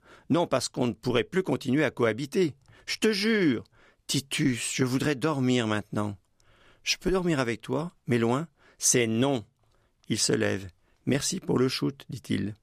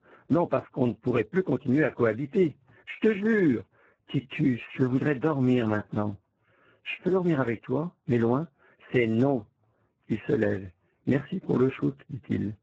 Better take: first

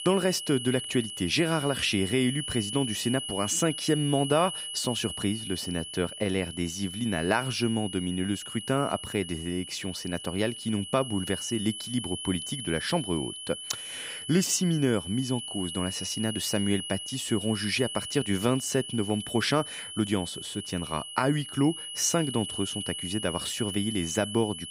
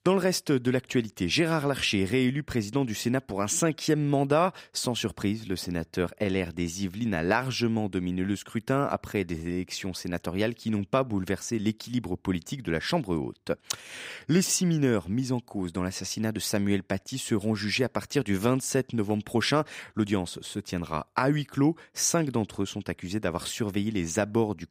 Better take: second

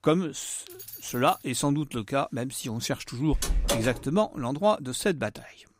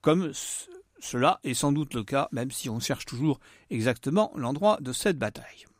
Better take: second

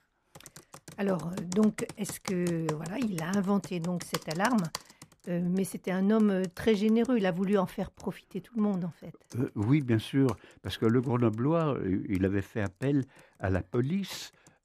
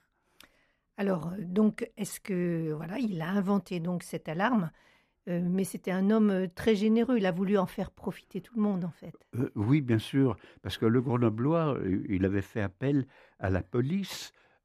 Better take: second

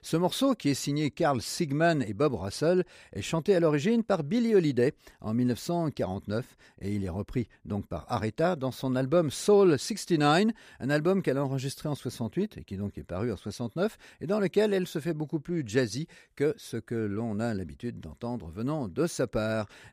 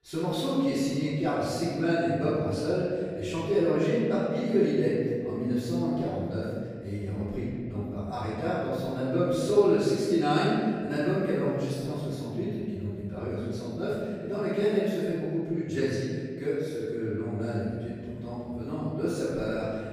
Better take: first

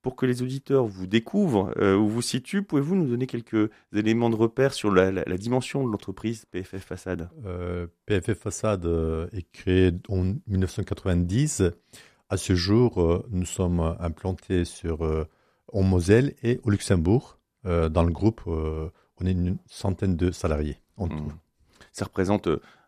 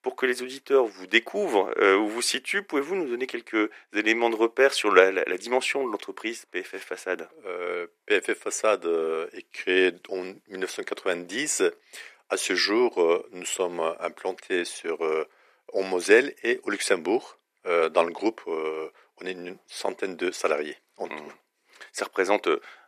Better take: first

